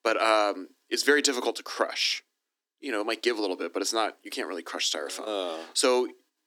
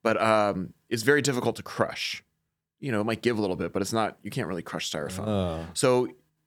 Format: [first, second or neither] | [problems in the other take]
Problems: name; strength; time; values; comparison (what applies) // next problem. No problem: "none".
second | thin; very slightly; fading below 250 Hz